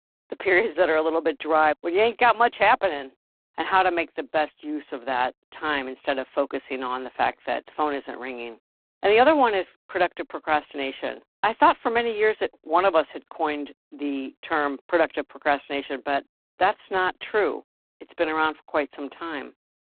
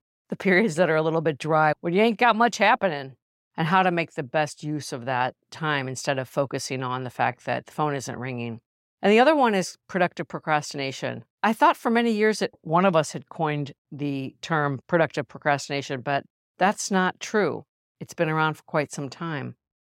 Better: second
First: phone-call audio; poor line; nothing above 4 kHz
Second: none

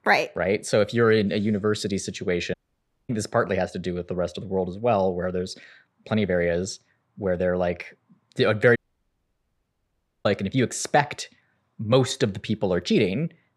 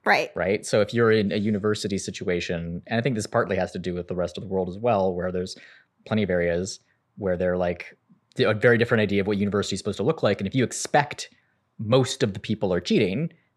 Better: second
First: audio cutting out; at 2.5 s for 0.5 s and at 9 s for 1.5 s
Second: none

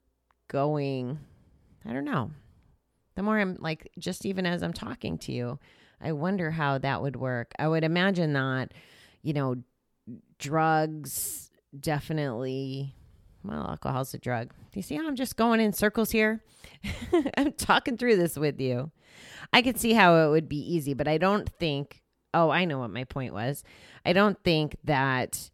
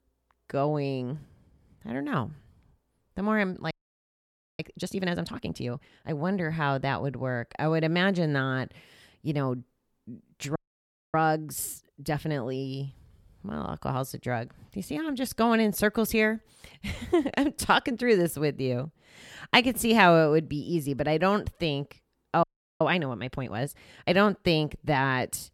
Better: first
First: none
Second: audio freezing; at 3.5 s for 1 s, at 11 s for 0.5 s and at 22 s

